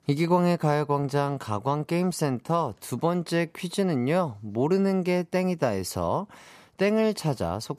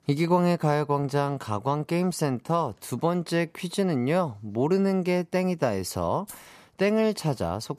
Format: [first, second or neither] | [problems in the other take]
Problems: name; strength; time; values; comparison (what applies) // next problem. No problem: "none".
first | jangling keys; faint; at 6.5 s; peak 20 dB below the speech